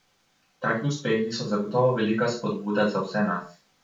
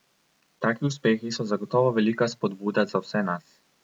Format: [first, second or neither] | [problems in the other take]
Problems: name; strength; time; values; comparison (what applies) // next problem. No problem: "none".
second | room echo; dies away in 0.3 s